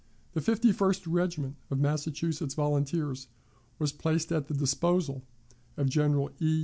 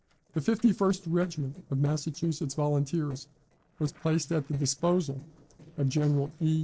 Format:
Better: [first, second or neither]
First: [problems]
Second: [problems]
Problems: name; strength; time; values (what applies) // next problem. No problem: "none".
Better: first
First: none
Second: noise reduction (neural separator model SepFormer DNS4)